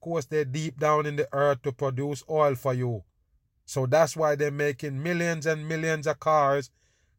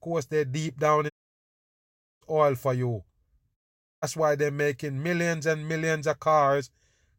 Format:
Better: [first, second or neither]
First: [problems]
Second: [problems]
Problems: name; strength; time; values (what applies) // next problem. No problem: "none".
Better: first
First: none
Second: audio cutting out; at 1 s for 1 s and at 3.5 s